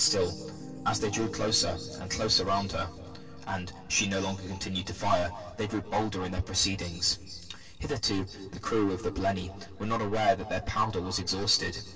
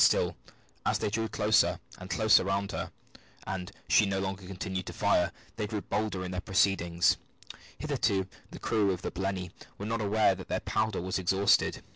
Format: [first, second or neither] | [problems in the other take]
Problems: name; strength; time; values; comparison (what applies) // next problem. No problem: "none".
second | background sound (Piano); 18 dB below the speech // room echo; dies away in 2.4 s